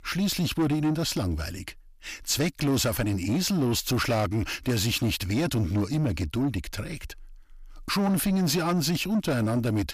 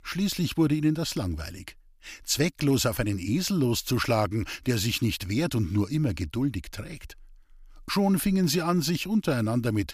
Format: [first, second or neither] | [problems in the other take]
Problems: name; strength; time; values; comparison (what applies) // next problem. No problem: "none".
second | distortion; slight; 10 dB below the speech